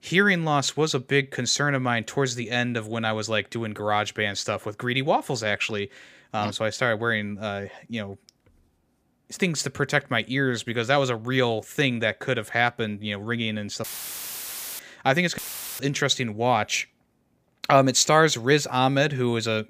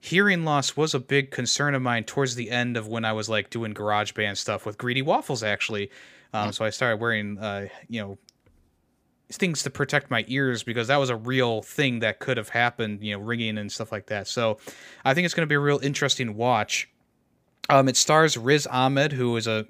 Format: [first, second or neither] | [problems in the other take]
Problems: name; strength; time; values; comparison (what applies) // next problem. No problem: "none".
second | audio cutting out; filled with static; at 14 s for 1 s and at 15 s